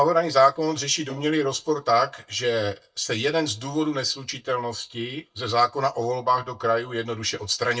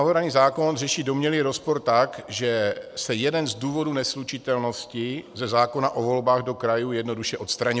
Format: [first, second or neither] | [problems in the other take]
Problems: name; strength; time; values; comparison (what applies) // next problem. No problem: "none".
second | noise reduction (neural mask model DeepFilterNet 3)